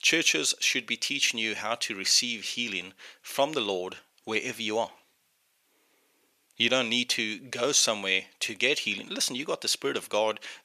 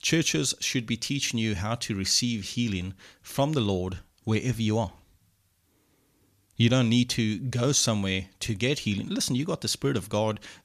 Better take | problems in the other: second | thin; somewhat; fading below 500 Hz

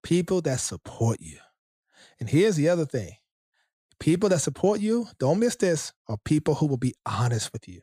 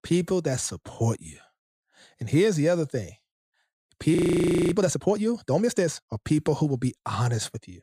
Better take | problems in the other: first | audio freezing; at 4 s for 0.5 s

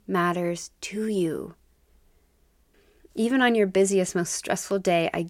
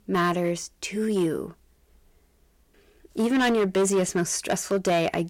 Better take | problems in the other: first | distortion; slight; 8% of the sound clipped

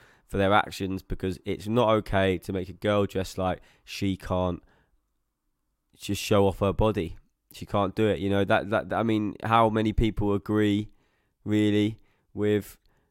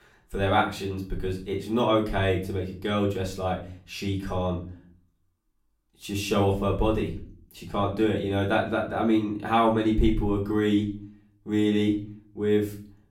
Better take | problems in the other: first | room echo; slight; dies away in 0.4 s // off-mic speech; far

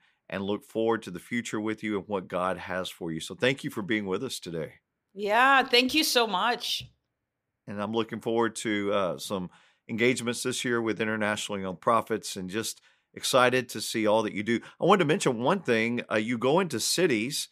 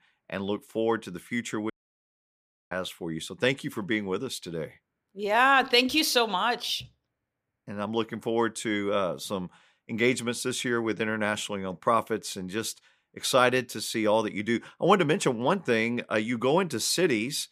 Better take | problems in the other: first | audio cutting out; at 1.5 s for 1 s

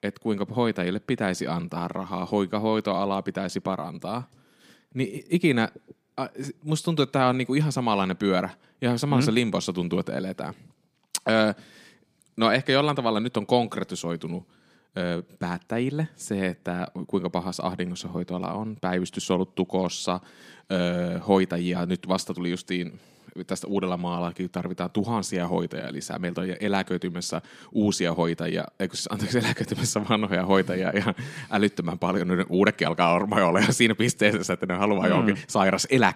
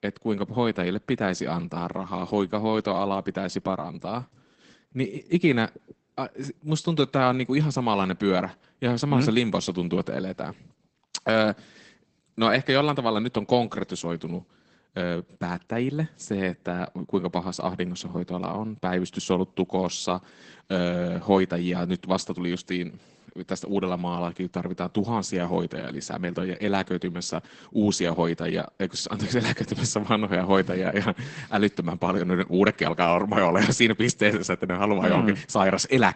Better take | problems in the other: first | garbled, watery; badly; nothing above 8 kHz

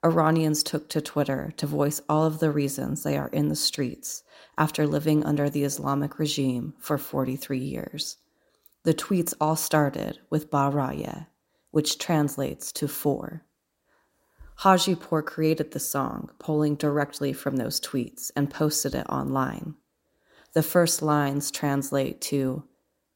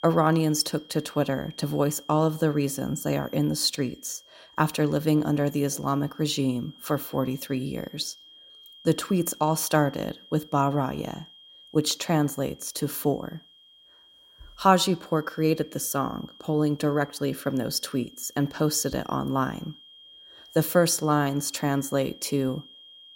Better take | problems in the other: first | high-pitched whine; faint; throughout; 3 kHz, 25 dB below the speech

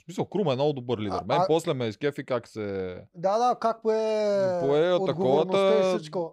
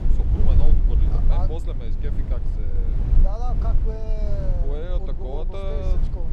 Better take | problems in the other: first | low rumble; loud; throughout; 4 dB below the speech

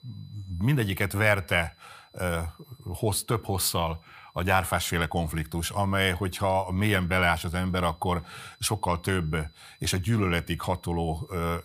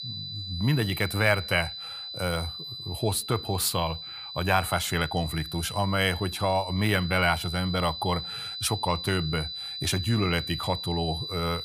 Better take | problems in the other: first | high-pitched whine; loud; throughout; 4 kHz, 7 dB below the speech; faint in the first

